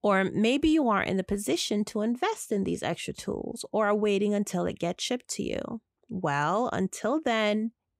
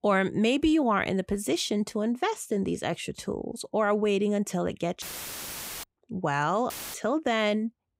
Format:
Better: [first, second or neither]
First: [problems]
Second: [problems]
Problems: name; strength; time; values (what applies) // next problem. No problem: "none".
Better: first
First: none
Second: audio cutting out; filled with static; at 5 s for 1 s and at 6.5 s